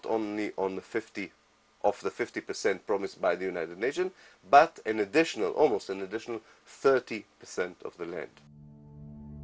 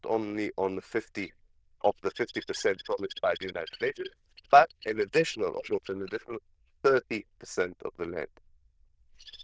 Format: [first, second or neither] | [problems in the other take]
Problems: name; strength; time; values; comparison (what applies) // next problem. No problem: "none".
first | noise reduction (neural diffusion model UNIVERSE++)